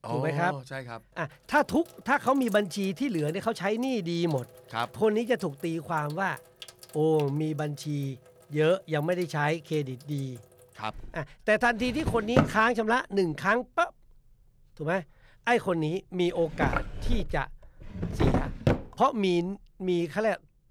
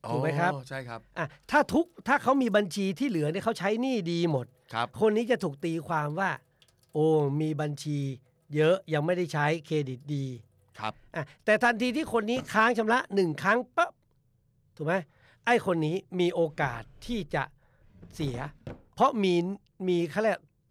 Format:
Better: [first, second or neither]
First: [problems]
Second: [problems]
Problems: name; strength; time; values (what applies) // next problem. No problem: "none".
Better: second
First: household noises; loud; throughout; 3 dB below the speech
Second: household noises; faint; throughout; 20 dB below the speech